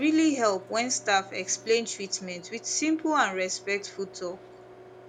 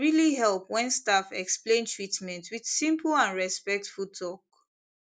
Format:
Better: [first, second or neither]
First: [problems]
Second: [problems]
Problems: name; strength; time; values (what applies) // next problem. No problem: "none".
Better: second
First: background sound (Microwave oven); 20 dB below the speech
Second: none